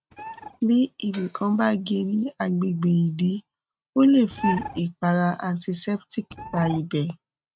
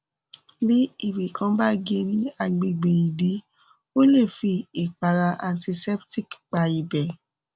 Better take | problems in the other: second | noise reduction (neural mask model RNNoise)

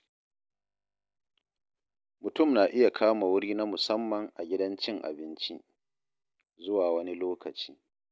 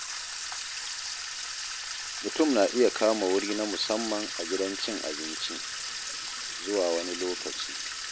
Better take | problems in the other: first | background sound (Sink (filling or washing) / Water tap, faucet); 5 dB below the speech

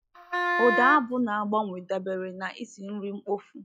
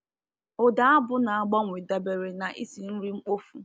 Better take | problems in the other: second | noise reduction (classical method log-MMSE)

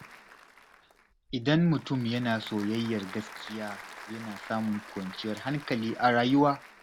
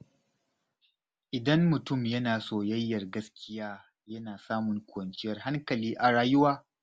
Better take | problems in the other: second | background sound (Applause / Crowd); 17 dB below the speech

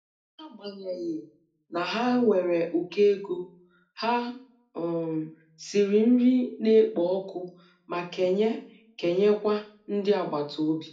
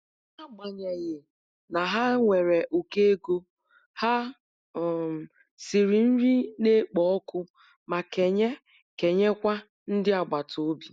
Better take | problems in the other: second | room echo; dies away in 0.4 s

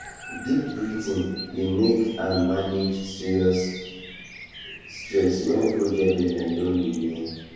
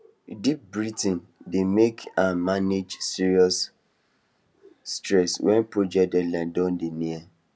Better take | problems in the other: second | background sound (Bird vocalization, bird call, bird song); 16 dB below the speech // room echo; dies away in 1.3 s

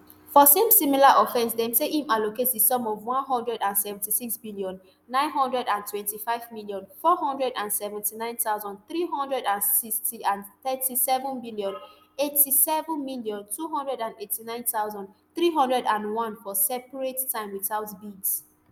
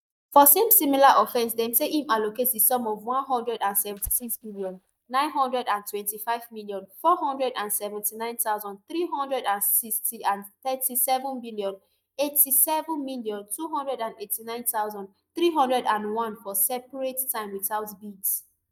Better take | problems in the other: first | noise reduction (neural mask model DeepFilterNet 3)

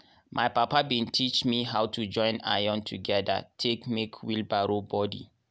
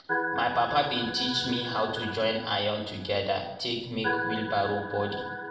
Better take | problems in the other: first | background sound (Organ); 6 dB below the speech // room echo; dies away in 0.7 s

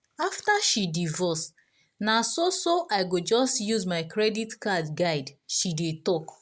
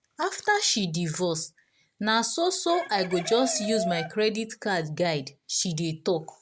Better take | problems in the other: first | background sound (Chicken, rooster); 9 dB below the speech

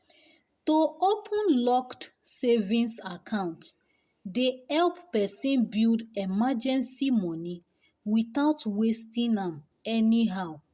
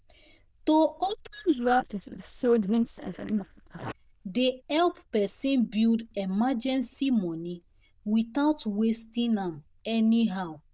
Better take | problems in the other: first | noise reduction (neural diffusion model UNIVERSE++)

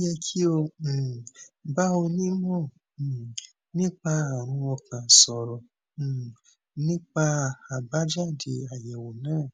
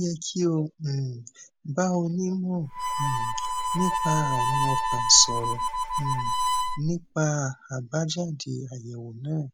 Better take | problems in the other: first | background sound (Harmonica); 2 dB below the speech

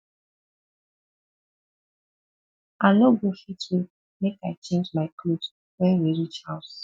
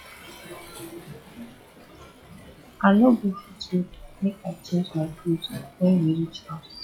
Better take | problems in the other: first | noise reduction (classical method log-MMSE)

